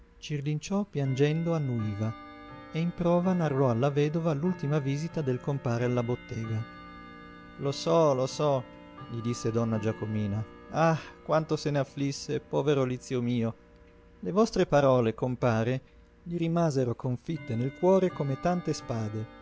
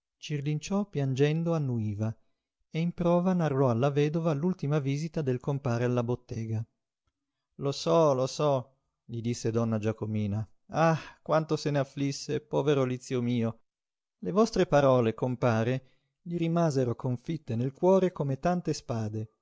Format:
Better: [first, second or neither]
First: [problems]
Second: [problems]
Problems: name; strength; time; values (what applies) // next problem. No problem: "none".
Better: second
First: background sound (Tick-tock / Bell); 19 dB below the speech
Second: none